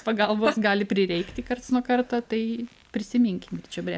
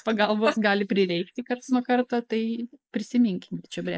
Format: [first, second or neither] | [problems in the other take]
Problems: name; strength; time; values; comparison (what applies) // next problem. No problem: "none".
first | noise reduction (neural mask model Resemble Enhance denoiser)